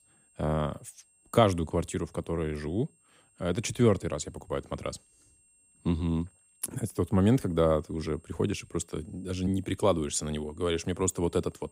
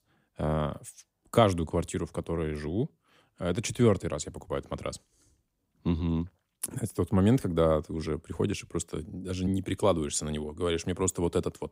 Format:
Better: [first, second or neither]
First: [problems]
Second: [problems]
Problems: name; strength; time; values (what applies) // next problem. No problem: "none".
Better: second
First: high-pitched whine; faint; throughout; 8.5 kHz, 30 dB below the speech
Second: none